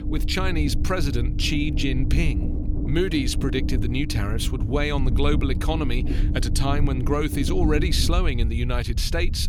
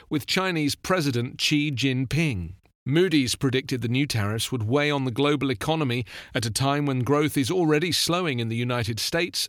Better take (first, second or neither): second